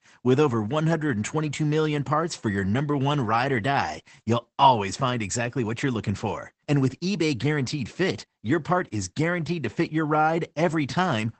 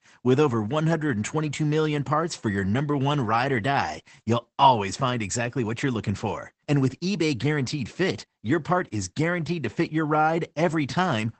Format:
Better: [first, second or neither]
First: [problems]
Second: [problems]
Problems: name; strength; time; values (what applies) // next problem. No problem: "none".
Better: neither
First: garbled, watery; badly; nothing above 8 kHz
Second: garbled, watery; badly; nothing above 8 kHz